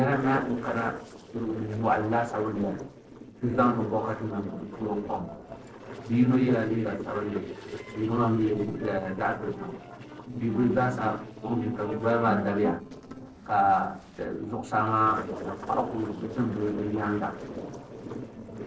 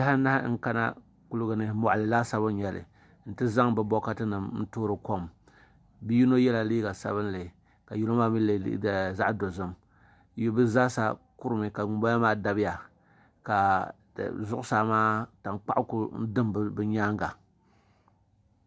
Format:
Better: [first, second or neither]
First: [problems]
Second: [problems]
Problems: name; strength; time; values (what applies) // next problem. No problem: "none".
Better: second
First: noise reduction (neural separator model SepFormer DNS4)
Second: none